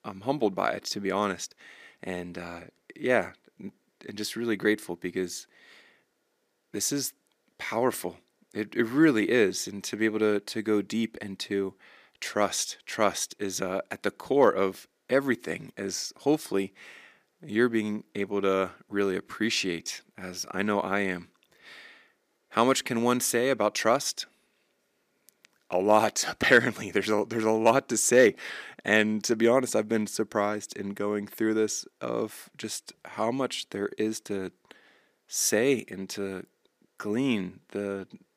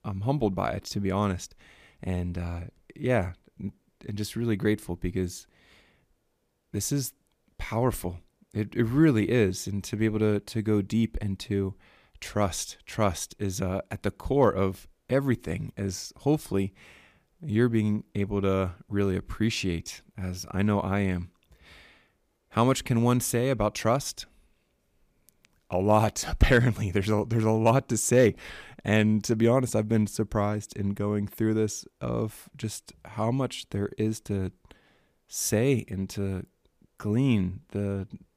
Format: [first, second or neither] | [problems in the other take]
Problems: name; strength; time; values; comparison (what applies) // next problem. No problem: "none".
second | thin; somewhat; fading below 300 Hz